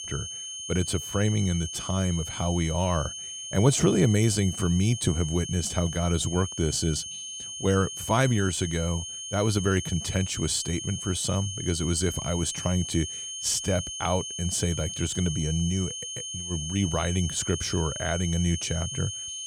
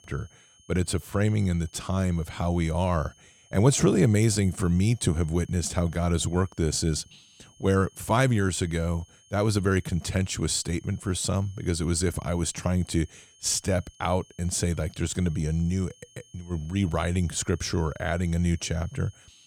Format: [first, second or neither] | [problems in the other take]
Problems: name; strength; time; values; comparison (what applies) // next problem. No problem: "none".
second | high-pitched whine; loud; throughout; 3 kHz, 6 dB below the speech; faint in the second